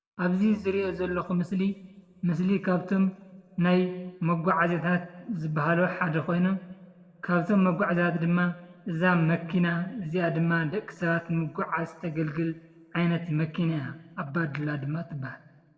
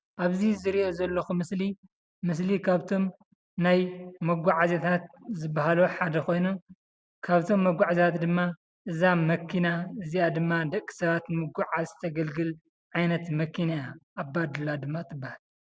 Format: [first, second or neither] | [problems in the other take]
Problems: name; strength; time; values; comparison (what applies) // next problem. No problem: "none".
second | room echo; dies away in 1.2 s